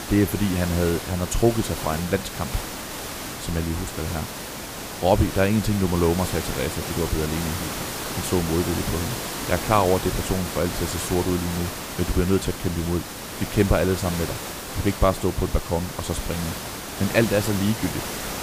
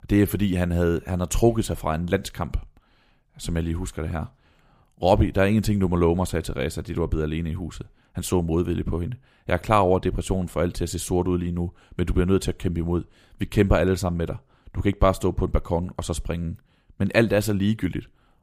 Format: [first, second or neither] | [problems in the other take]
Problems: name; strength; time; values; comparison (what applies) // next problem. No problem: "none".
second | hiss; loud; throughout; 6 dB below the speech